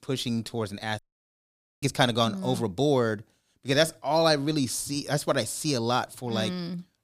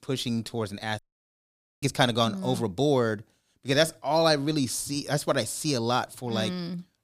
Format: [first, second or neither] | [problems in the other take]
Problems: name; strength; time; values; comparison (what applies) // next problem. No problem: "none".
neither | audio cutting out; at 1 s for 1 s; the same in both